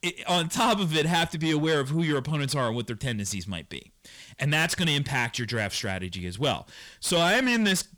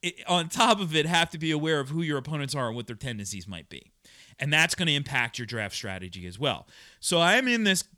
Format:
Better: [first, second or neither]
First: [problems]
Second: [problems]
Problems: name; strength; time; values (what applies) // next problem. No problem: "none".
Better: second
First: distortion; heavy; 7 dB below the speech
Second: none